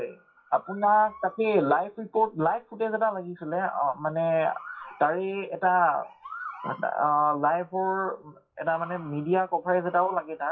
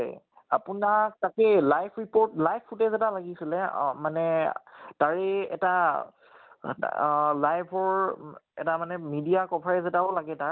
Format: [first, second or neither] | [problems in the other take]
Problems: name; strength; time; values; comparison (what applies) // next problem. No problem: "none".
second | noise reduction (classical method WPE with log-MMSE)